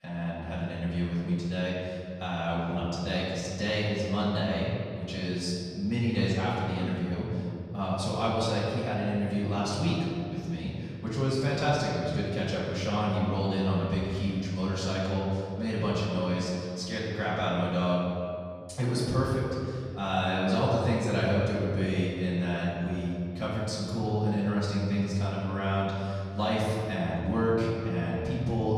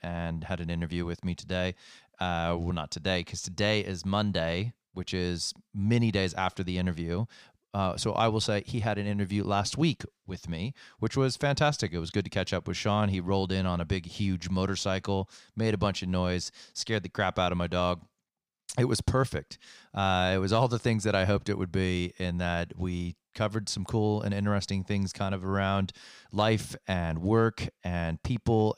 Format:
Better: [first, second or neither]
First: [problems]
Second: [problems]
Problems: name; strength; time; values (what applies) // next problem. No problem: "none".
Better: second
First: off-mic speech; far // room echo; strong; dies away in 2.2 s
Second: none